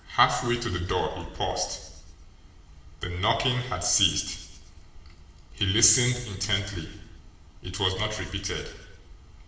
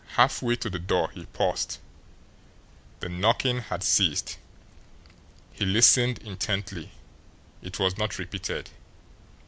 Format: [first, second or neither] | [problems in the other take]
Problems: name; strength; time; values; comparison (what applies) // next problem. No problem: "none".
second | room echo; dies away in 1 s